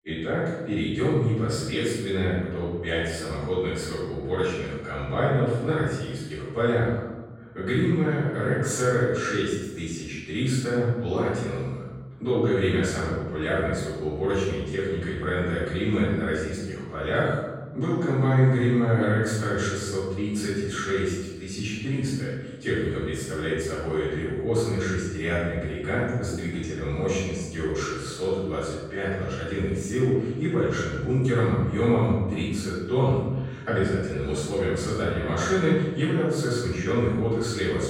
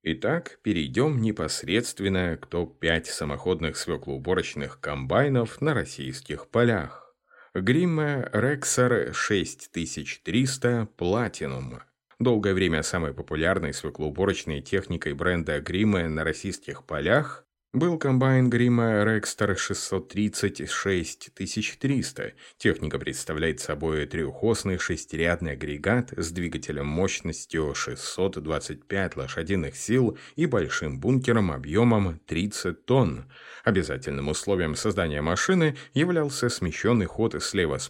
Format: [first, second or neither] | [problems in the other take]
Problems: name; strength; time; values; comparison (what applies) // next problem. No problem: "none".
second | off-mic speech; far // room echo; strong; dies away in 1.1 s